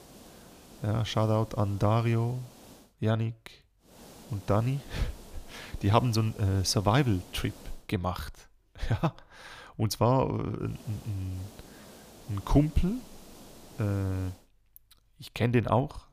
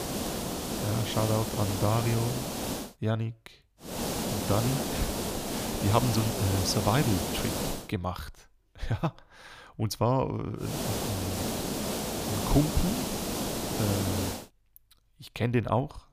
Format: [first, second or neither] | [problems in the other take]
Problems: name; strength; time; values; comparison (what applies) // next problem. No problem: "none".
first | hiss; loud; until 3 s, from 4 to 8 s and from 11 to 14 s; 1 dB below the speech; faint in the first